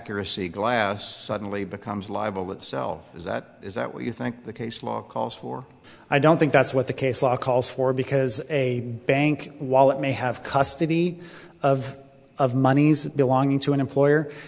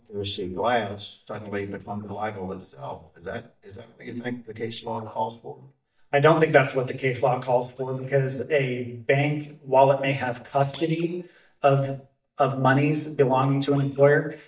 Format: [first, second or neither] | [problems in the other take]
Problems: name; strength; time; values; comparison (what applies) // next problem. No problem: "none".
first | noise reduction (neural mask model DeepFilterNet 3)